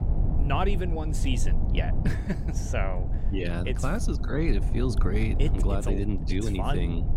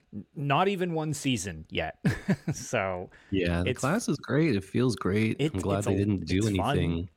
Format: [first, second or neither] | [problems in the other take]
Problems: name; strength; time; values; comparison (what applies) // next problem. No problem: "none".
second | low rumble; loud; throughout; 9 dB below the speech